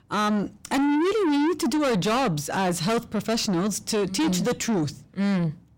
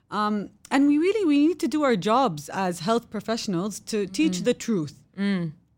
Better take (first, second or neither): second